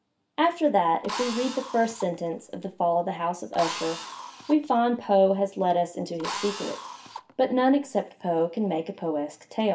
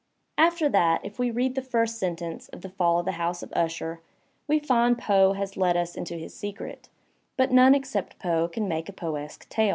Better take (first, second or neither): second